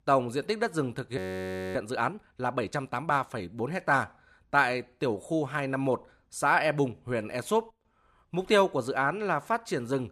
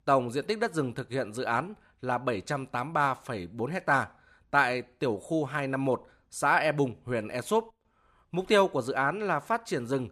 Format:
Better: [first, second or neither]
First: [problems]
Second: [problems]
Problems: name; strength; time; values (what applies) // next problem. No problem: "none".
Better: second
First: audio freezing; at 1 s for 0.5 s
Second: none